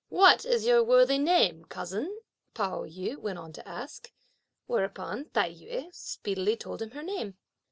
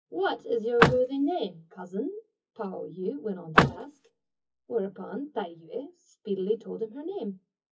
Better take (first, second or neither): first